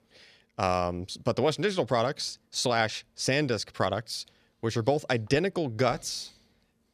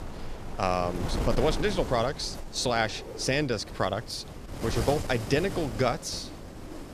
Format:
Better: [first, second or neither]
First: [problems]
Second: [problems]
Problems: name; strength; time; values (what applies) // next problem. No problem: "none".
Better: first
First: none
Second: wind noise on the microphone; occasional gusts; 10 dB below the speech